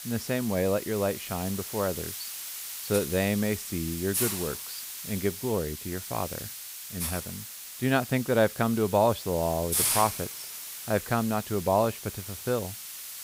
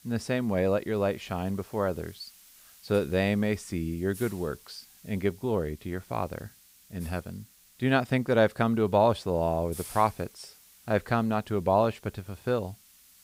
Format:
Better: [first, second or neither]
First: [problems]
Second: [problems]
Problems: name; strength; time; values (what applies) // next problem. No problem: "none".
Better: second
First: hiss; loud; throughout; 5 dB below the speech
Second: hiss; faint; throughout; 25 dB below the speech